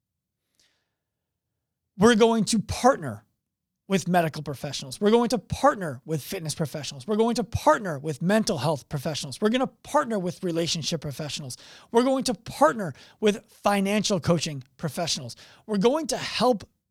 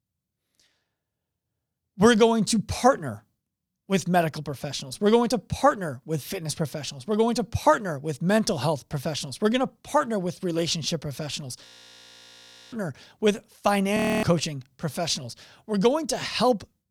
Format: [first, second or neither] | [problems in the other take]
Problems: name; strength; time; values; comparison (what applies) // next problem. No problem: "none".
first | audio freezing; at 12 s for 1 s and at 14 s